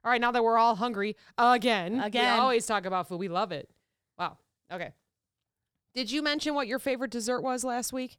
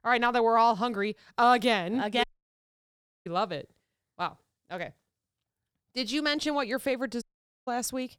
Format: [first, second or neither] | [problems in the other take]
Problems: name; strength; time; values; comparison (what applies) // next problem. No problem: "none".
first | audio cutting out; at 2 s for 1 s and at 7 s